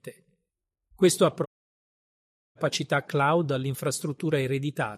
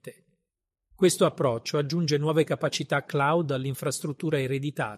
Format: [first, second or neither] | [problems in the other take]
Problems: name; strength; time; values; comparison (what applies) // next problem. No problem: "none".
second | audio cutting out; at 1.5 s for 1 s